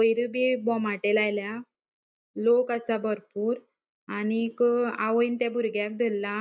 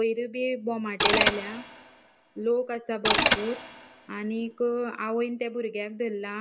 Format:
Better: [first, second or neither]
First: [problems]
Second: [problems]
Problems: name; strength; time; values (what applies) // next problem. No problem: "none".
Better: first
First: none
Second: background sound (Mechanisms); 1 dB above the speech